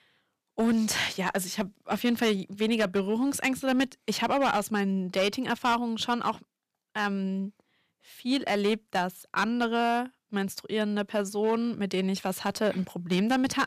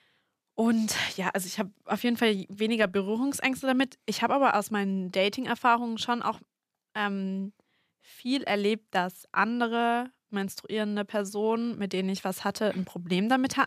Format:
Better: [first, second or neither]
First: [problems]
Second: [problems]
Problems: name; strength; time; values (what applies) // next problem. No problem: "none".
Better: second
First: distortion; slight; 6% of the sound clipped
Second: none